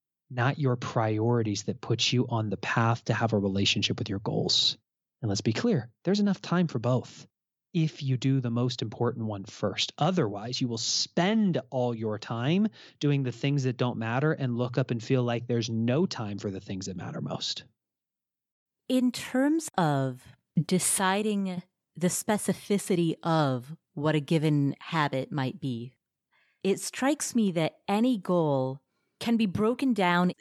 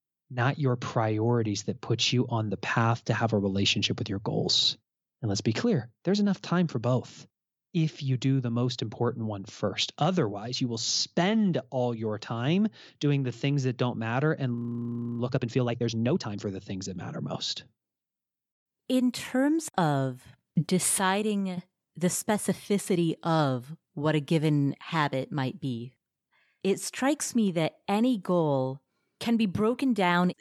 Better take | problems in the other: first | audio freezing; at 15 s for 0.5 s

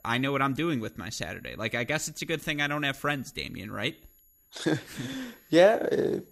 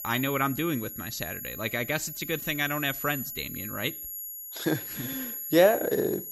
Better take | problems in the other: first | high-pitched whine; loud; throughout; 11.5 kHz, 7 dB below the speech; faint in the first

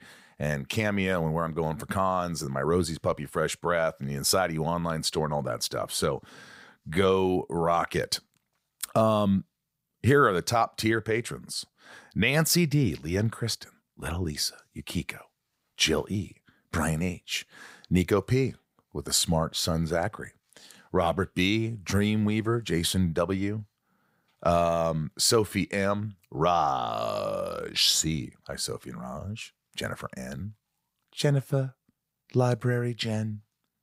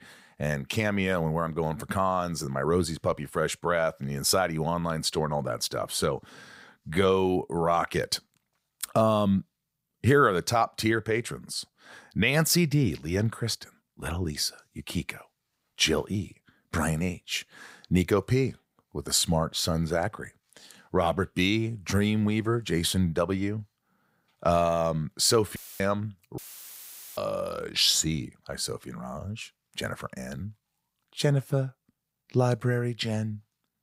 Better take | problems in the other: first | audio cutting out; filled with static; at 26 s for 1 s

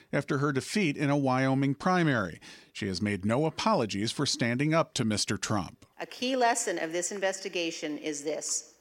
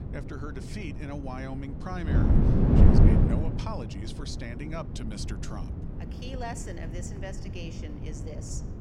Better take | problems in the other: first | wind noise on the microphone; heavy; 3 dB above the speech

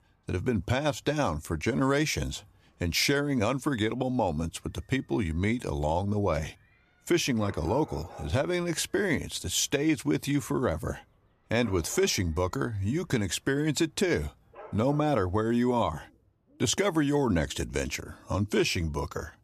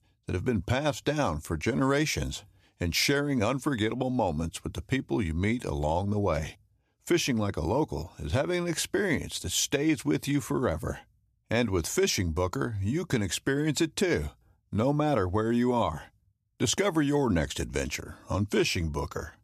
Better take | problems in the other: second | animal sounds; faint; throughout; 25 dB below the speech

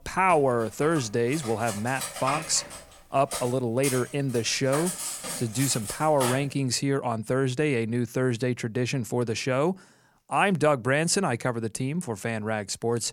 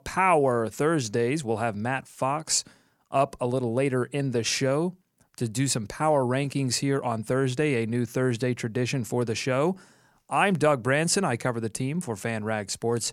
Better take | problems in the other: second | clattering dishes; noticeable; until 6.5 s; peak 4 dB below the speech

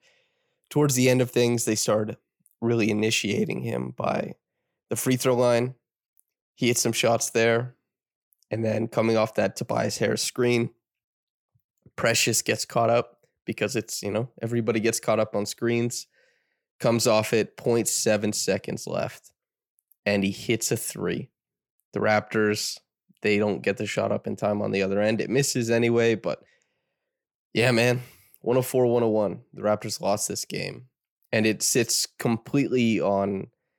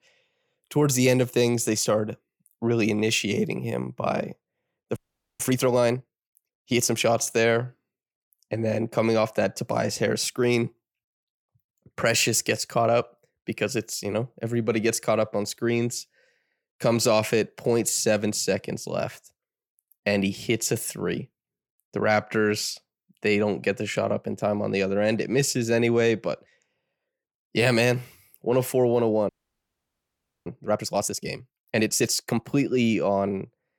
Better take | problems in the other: first | audio freezing; at 5 s and at 29 s for 1 s

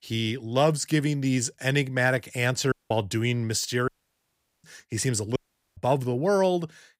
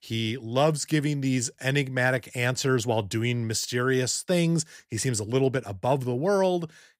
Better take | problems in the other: second | audio cutting out; at 2.5 s, at 4 s for 1 s and at 5.5 s

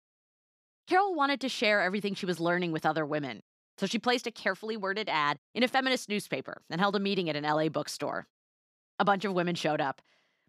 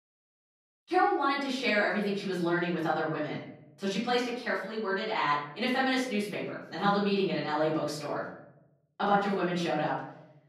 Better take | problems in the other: first | off-mic speech; far // room echo; noticeable; dies away in 0.7 s

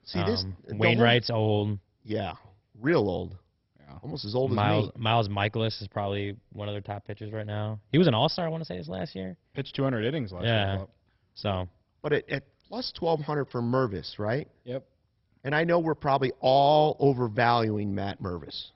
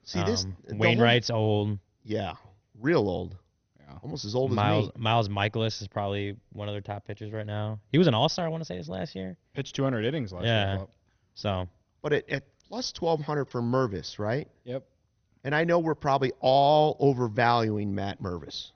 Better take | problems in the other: second | garbled, watery; badly; nothing above 5.5 kHz; slightly in the second

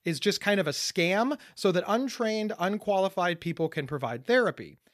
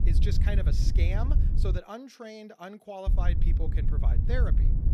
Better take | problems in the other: first | wind noise on the microphone; heavy; until 2 s and from 3 s on; 5 dB below the speech

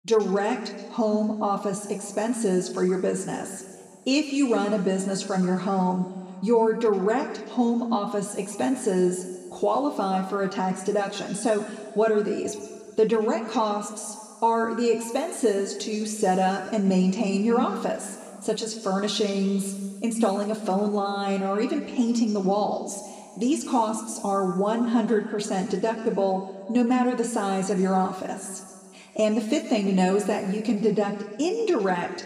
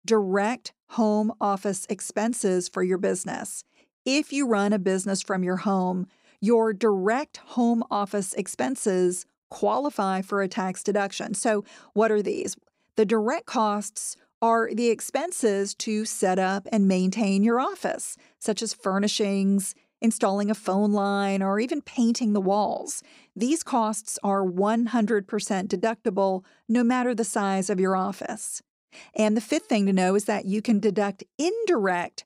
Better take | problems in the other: second | room echo; slight; dies away in 2.1 s // off-mic speech; somewhat distant

